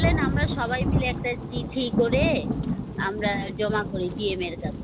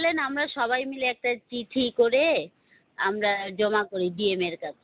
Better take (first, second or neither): second